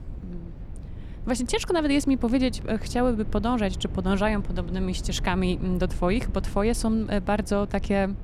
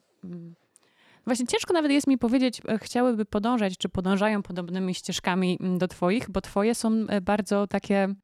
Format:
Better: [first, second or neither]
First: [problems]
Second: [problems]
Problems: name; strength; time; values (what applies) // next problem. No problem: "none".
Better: second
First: low rumble; noticeable; throughout; 20 dB below the speech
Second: none